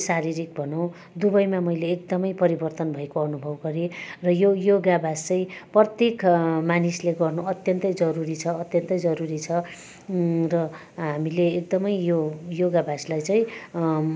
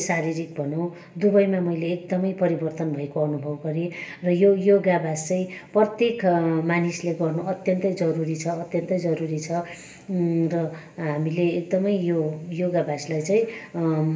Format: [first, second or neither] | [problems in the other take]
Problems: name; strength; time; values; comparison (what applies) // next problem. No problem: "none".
first | room echo; dies away in 0.6 s